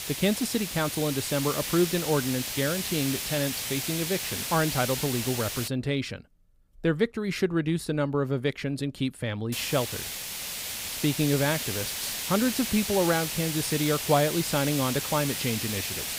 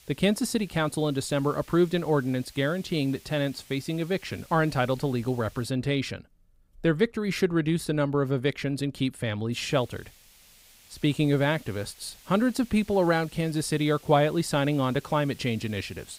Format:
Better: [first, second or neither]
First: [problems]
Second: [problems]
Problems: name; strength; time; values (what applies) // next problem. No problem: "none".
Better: second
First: hiss; loud; until 5.5 s and from 9.5 s on; 3 dB below the speech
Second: hiss; faint; until 5.5 s and from 9.5 s on; 25 dB below the speech